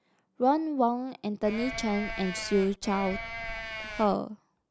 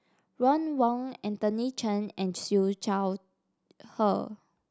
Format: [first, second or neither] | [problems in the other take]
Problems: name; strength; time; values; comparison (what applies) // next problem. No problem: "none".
second | background sound (Livestock, farm animals, working animals); 8 dB below the speech